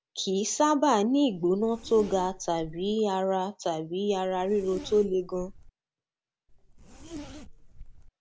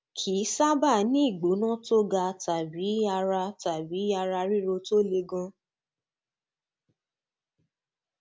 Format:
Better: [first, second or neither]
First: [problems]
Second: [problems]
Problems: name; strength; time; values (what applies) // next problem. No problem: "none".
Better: second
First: background sound (Zipper (clothing)); 16 dB below the speech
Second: none